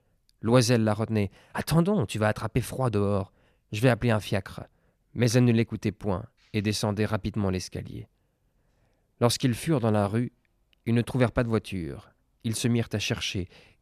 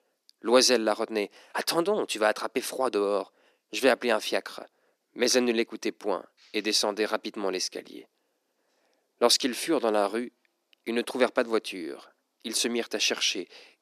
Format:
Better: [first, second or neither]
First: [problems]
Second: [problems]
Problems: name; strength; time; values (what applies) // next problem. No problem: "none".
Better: first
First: none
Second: thin; somewhat; fading below 300 Hz